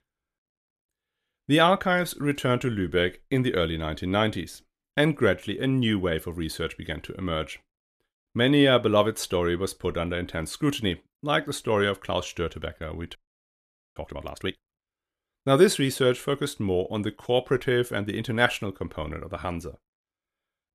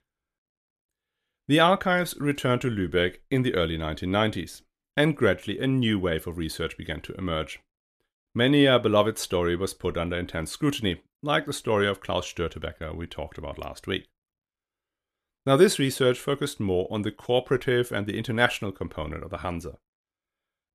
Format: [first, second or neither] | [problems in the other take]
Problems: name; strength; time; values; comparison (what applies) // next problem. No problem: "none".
second | audio freezing; at 13 s for 1 s